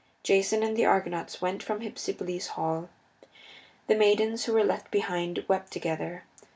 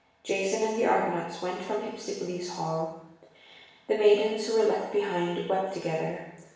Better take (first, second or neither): first